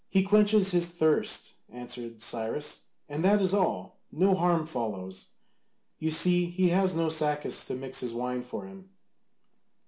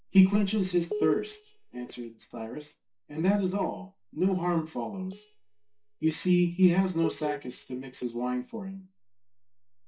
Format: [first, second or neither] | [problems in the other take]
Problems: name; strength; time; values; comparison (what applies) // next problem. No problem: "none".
first | noise reduction (neural mask model DeepFilterNet 3)